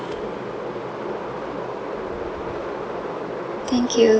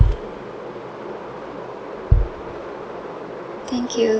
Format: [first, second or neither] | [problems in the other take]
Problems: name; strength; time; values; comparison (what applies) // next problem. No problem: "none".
first | background sound (Bass drum); 3 dB above the speech